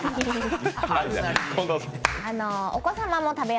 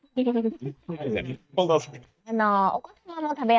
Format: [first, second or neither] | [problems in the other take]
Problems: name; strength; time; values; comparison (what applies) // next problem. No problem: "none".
first | noise reduction (neural mask model DeepFilterNet 3)